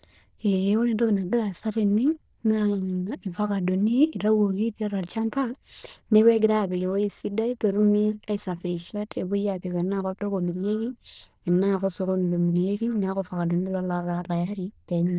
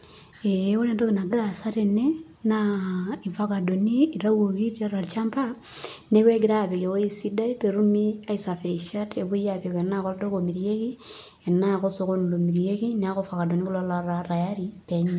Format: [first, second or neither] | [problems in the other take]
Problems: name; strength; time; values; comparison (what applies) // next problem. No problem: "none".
second | noise reduction (neural diffusion model UNIVERSE++)